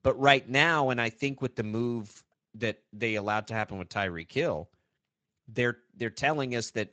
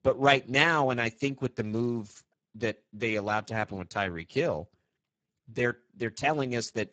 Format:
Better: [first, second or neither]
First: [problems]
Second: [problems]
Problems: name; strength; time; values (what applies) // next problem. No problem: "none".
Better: first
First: garbled, watery; slightly; nothing above 7.5 kHz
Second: garbled, watery; badly; nothing above 7.5 kHz